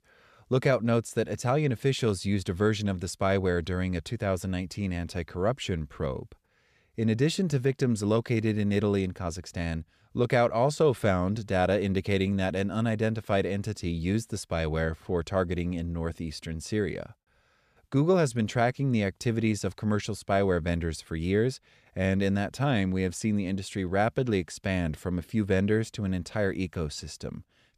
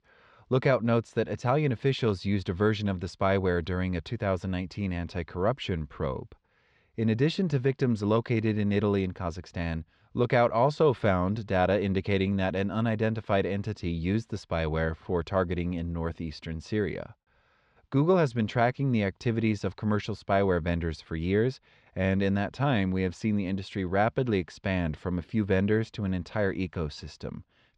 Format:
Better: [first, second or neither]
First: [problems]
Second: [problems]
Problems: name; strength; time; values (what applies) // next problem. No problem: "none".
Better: first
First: none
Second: muffled; very slightly; fading above 4.5 kHz